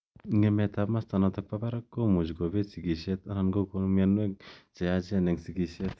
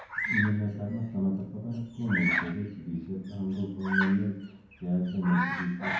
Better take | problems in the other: first | background sound (Bird vocalization, bird call, bird song); 5 dB below the speech // room echo; dies away in 0.9 s

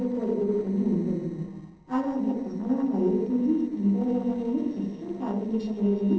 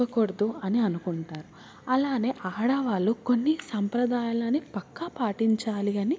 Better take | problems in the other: second | noise reduction (neural separator model SepFormer DNS4)

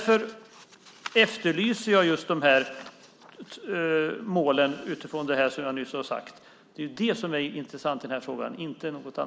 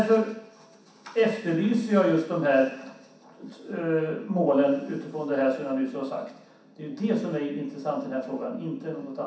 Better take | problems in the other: first | room echo; dies away in 0.7 s

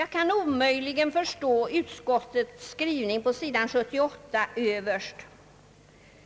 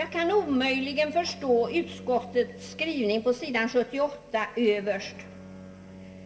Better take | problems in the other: first | background sound (Bowed string instrument); 18 dB below the speech // room echo; dies away in 0.7 s

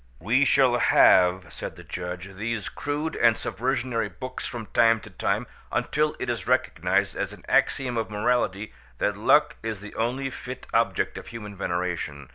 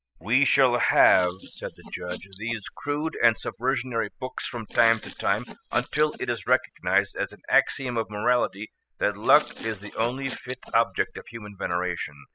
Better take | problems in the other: first | noise reduction (classical method spectral subtraction)

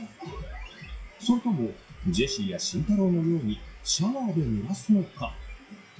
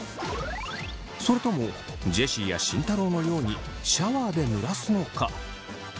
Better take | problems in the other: second | noise reduction (classical method WPE with log-MMSE)

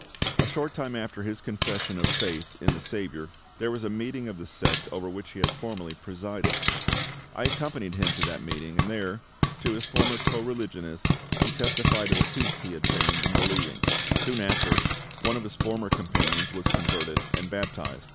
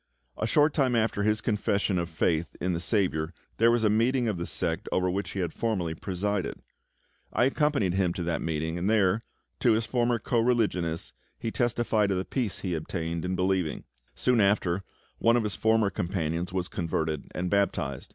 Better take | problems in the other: second | background sound (Frying (food)); 4 dB above the speech

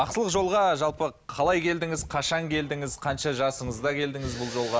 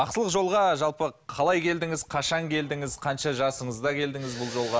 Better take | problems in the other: second | background sound (Walk, footsteps); 18 dB below the speech

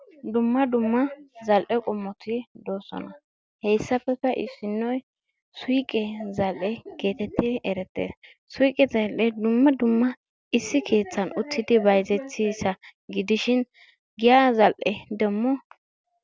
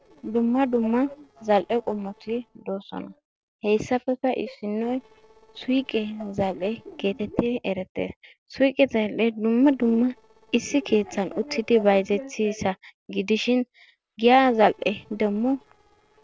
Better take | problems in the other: first | noise reduction (neural separator model SepFormer DNS4)

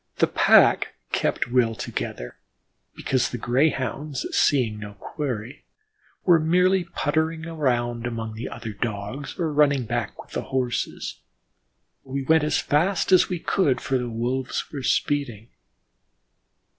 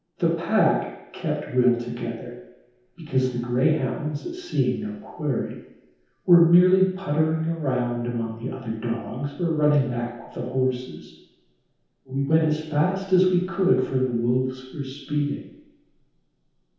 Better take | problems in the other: first | room echo; dies away in 0.9 s

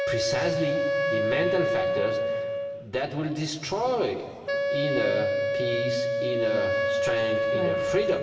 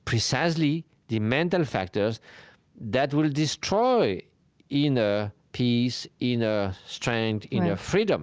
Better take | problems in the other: second | background sound (Wind instrument, woodwind instrument); 3 dB above the speech // room echo; dies away in 2.5 s

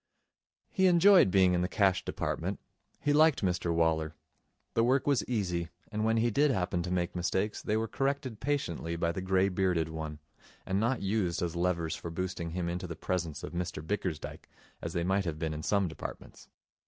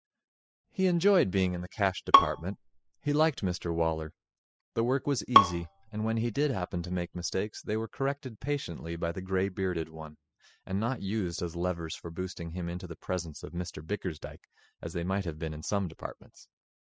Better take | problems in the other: first | noise reduction (classical method spectral subtraction)

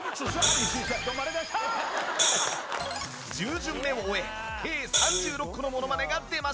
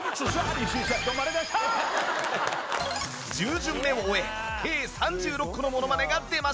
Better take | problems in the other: second | background sound (Hi-hat); 3 dB above the speech

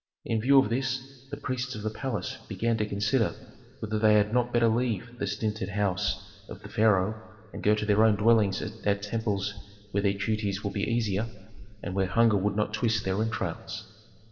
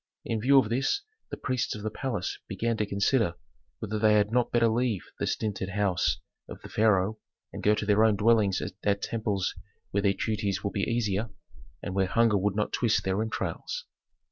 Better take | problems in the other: second | room echo; dies away in 2.9 s

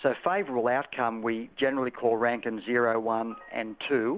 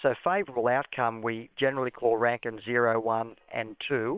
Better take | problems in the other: first | noise reduction (neural separator model SepFormer WHAM!)

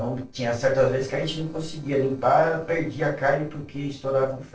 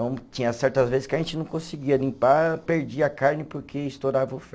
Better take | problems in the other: second | noise reduction (neural separator model SepFormer DNS4)

